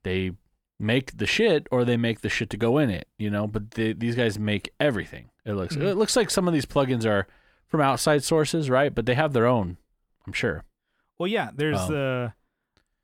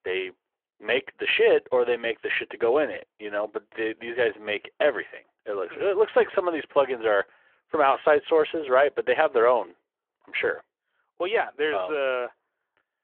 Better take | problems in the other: first | phone-call audio

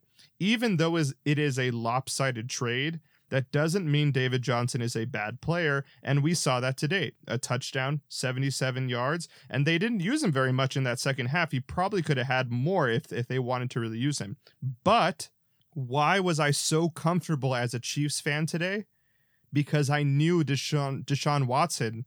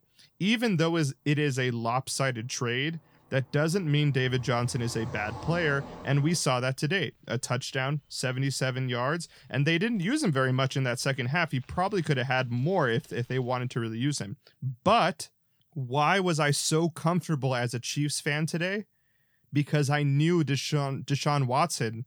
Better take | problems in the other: first | traffic noise; noticeable; until 14 s; 20 dB below the speech

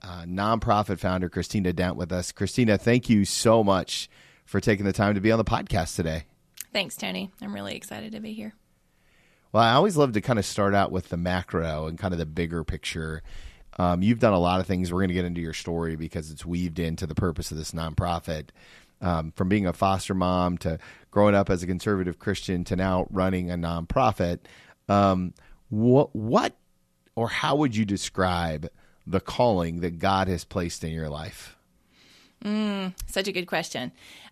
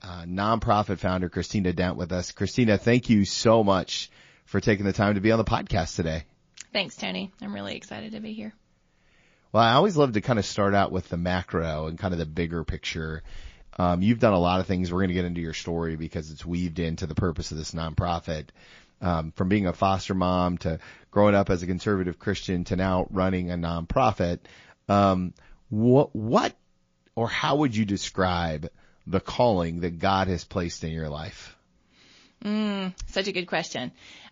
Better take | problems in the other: first | garbled, watery; slightly

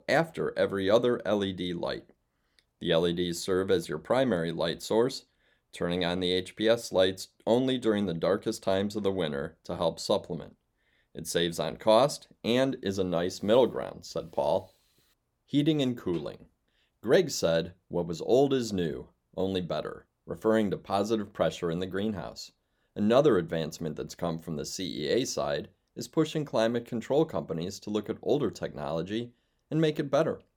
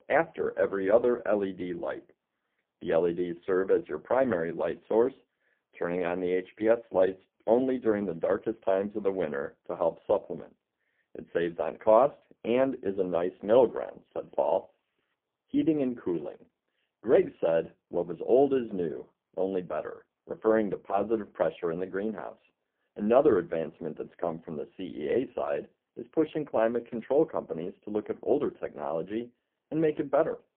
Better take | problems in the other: first | phone-call audio; poor line

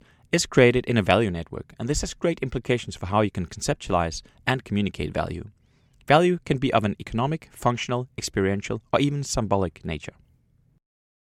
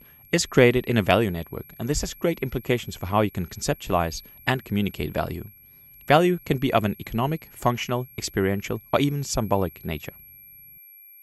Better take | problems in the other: first | high-pitched whine; faint; throughout; 11.5 kHz, 20 dB below the speech

